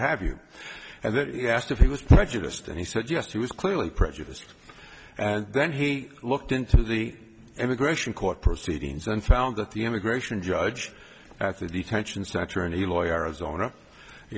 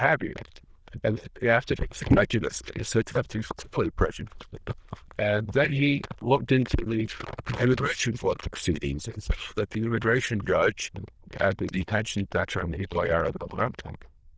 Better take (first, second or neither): first